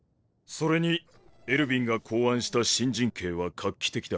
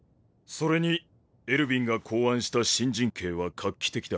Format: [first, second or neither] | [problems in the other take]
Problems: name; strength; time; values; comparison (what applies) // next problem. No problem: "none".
second | noise reduction (neural separator model SepFormer DNS4)